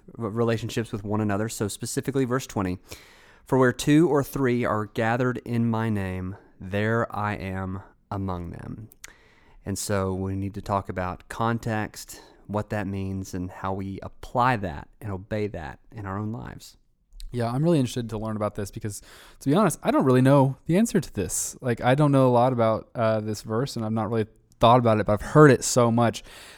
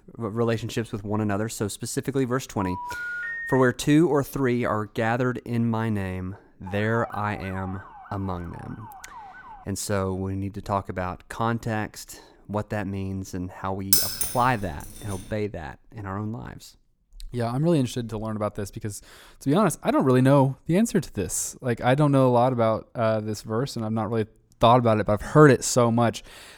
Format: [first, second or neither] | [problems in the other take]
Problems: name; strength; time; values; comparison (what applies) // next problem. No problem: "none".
first | phone ringing; noticeable; from 2.5 to 3.5 s; peak 5 dB below the speech // siren; faint; from 6.5 to 9.5 s; peak 15 dB below the speech // jangling keys; loud; at 14 s; peak 6 dB above the speech